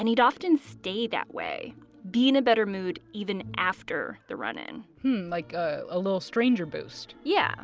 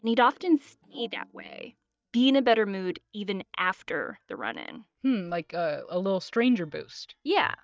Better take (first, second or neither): first